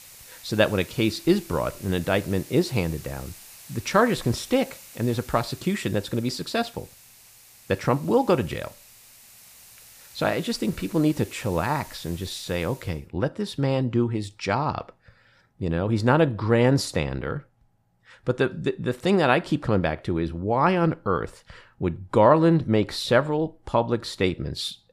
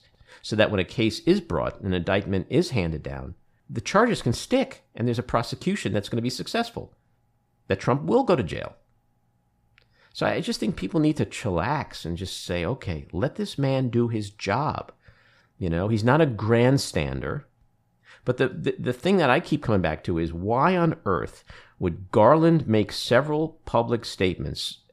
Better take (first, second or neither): second